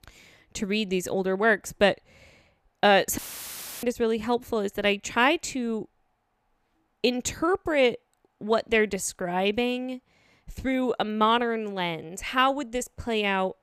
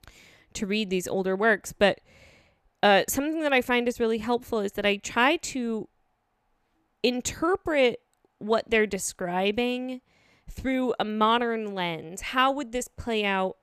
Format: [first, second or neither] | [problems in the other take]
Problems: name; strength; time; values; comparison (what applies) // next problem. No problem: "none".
second | audio cutting out; filled with static; at 3 s for 0.5 s